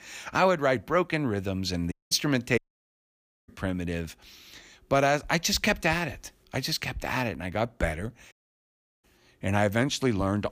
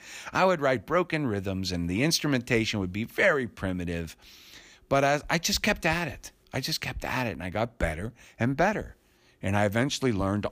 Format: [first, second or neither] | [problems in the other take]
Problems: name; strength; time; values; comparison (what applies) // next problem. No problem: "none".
second | audio cutting out; at 2 s, at 2.5 s for 1 s and at 8.5 s for 0.5 s